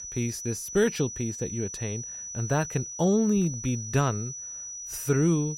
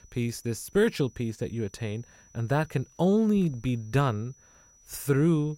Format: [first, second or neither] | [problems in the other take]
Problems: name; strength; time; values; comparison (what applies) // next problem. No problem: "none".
second | high-pitched whine; loud; throughout; 6 kHz, 8 dB below the speech; faint in the second